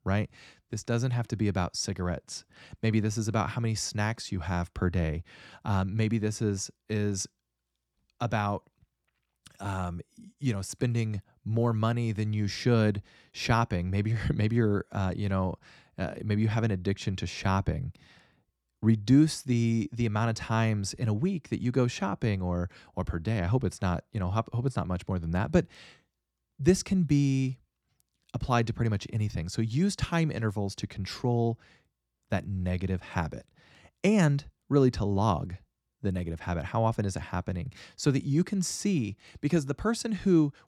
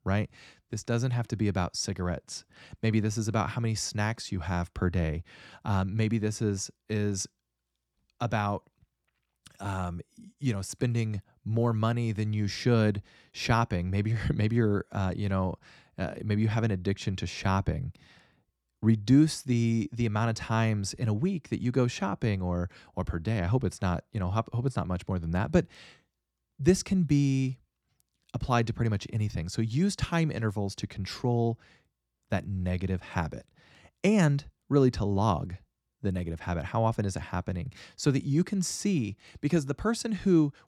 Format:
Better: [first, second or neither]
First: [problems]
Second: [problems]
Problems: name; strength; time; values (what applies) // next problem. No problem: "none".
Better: neither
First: none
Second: none